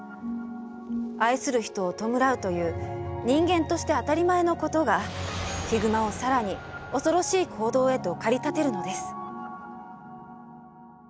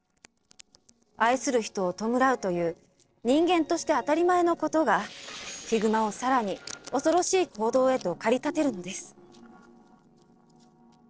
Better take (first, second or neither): first